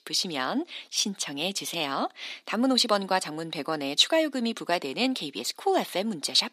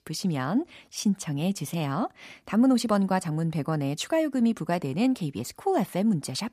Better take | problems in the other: second | thin; somewhat; fading below 300 Hz

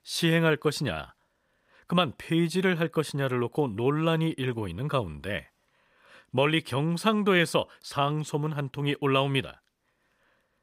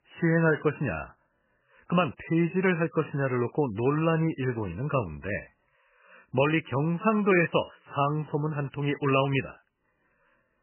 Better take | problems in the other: first | garbled, watery; badly; nothing above 3 kHz

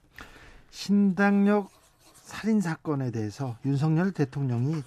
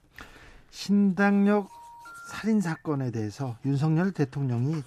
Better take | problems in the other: first | phone ringing; faint; from 1.5 to 3 s; peak 15 dB below the speech

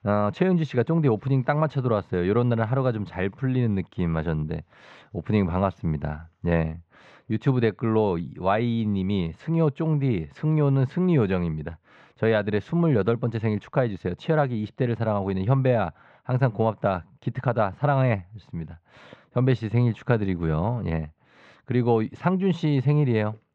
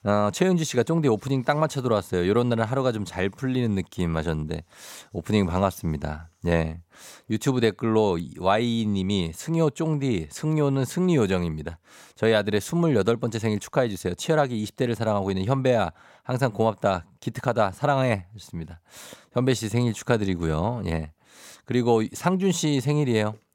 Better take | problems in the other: second | muffled; very; fading above 3 kHz

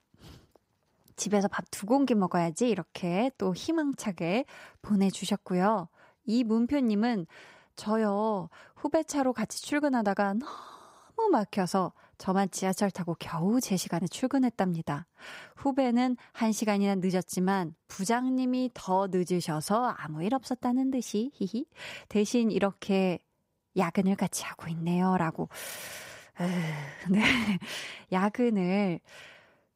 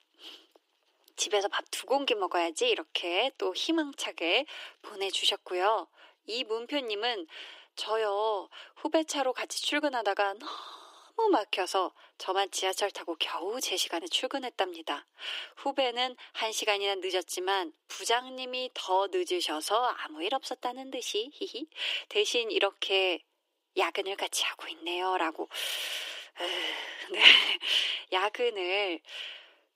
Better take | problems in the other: first | thin; very; fading below 300 Hz

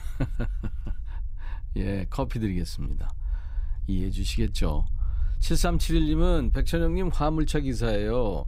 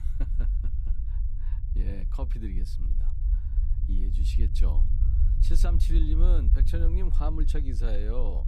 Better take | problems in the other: first | low rumble; loud; throughout; 7 dB below the speech; faint in the first

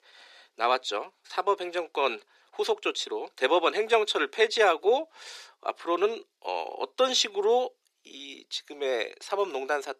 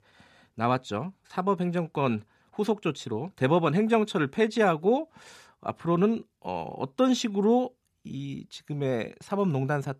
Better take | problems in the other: second | thin; very; fading below 350 Hz

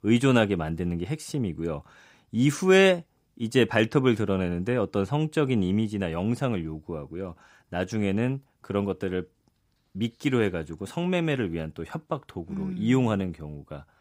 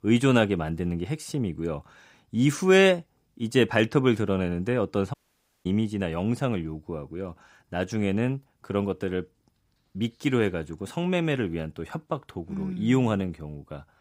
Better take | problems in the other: first | audio cutting out; at 5 s for 0.5 s

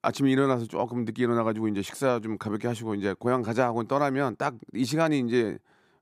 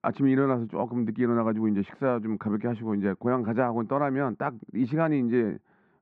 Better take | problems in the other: first | muffled; very; fading above 2 kHz

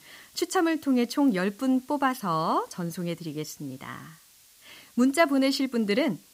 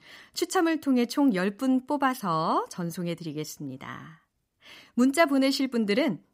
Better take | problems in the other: second | hiss; faint; throughout; 25 dB below the speech

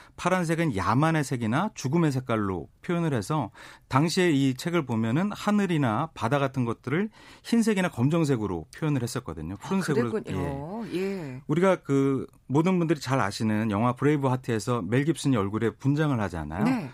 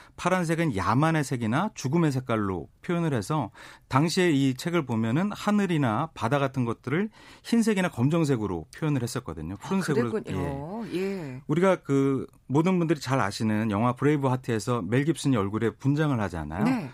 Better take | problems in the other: neither | none

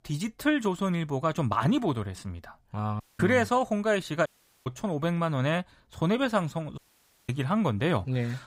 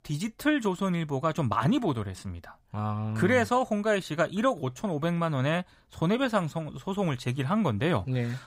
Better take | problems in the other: second | audio cutting out; at 3 s, at 4.5 s and at 7 s for 0.5 s

